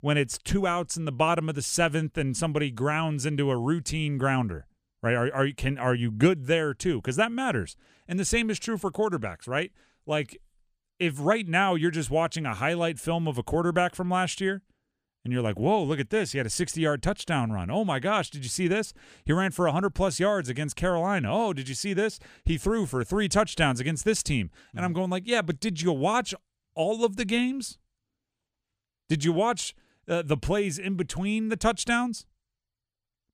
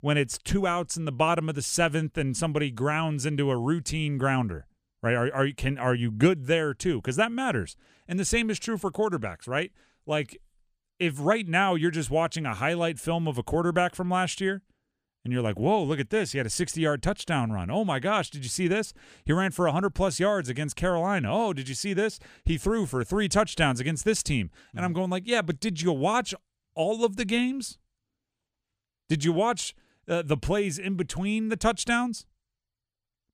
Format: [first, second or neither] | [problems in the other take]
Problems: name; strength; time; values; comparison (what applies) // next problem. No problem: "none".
neither | none